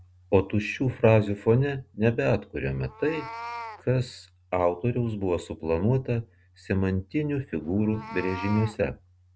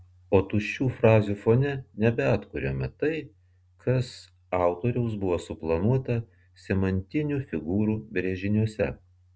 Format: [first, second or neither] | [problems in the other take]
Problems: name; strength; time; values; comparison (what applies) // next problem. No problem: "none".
second | background sound (Meow); 18 dB below the speech